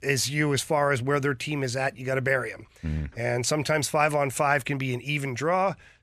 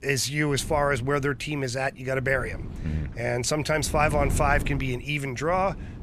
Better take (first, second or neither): first